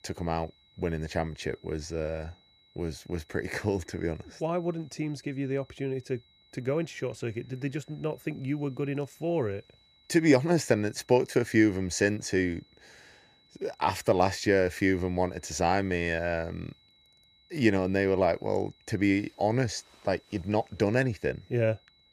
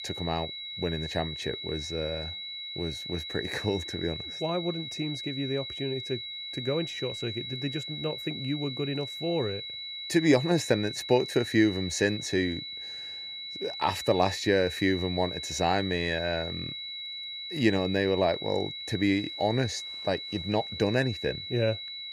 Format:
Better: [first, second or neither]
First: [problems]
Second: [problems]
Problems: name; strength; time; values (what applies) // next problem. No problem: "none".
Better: first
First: high-pitched whine; faint; throughout; 4 kHz, 30 dB below the speech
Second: high-pitched whine; loud; throughout; 4 kHz, 6 dB below the speech